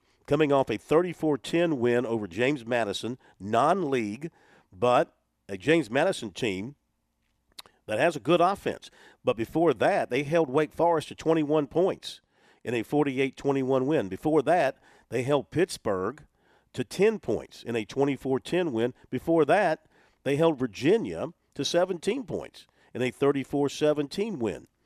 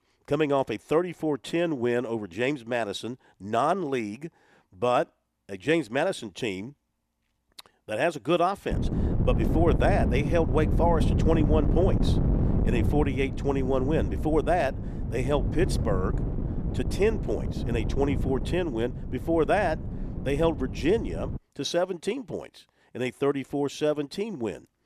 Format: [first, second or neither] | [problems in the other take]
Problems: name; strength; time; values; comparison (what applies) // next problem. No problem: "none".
first | wind noise on the microphone; heavy; from 8.5 to 21 s; 9 dB below the speech